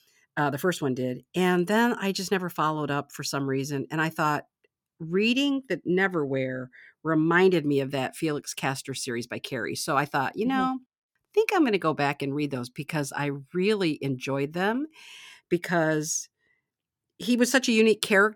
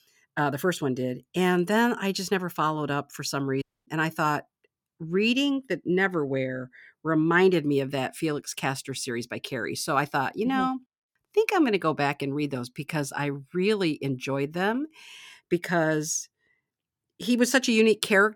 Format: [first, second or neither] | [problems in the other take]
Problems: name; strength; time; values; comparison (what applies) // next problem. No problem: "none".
first | audio cutting out; at 3.5 s